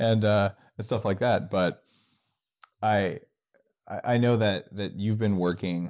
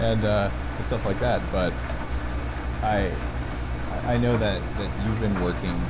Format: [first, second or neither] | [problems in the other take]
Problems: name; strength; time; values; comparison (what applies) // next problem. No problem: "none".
first | background sound (Engine); 1 dB below the speech